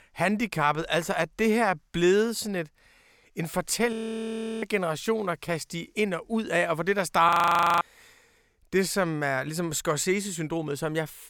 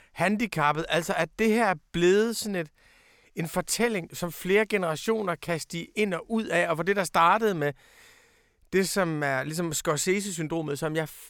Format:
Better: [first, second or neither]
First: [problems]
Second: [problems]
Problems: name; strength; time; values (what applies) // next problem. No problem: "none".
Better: second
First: audio freezing; at 4 s for 0.5 s and at 7.5 s for 0.5 s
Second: none